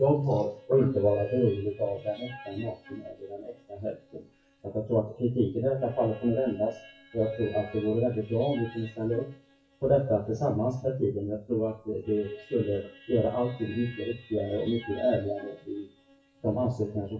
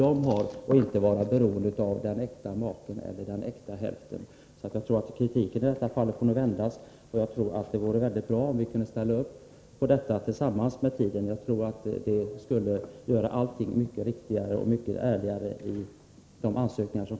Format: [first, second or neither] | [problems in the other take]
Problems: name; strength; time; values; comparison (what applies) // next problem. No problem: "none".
second | noise reduction (classical method WPE with log-MMSE)